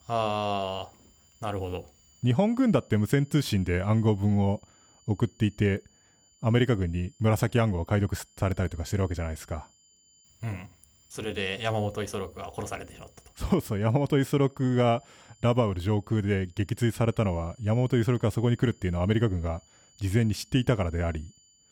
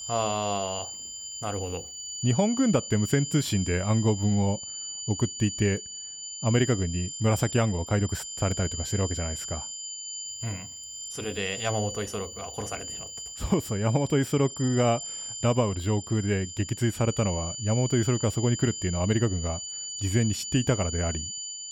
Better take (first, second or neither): first